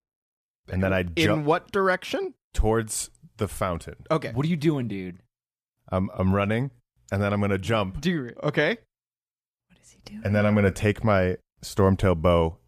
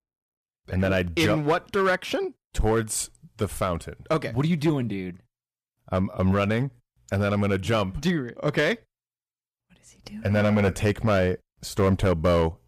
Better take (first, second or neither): first